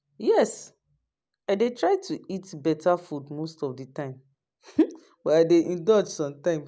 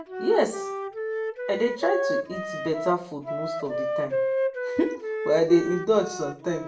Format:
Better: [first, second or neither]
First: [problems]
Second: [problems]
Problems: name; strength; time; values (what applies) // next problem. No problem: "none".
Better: first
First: none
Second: background sound (Wind instrument, woodwind instrument); 3 dB below the speech // room echo; dies away in 0.3 s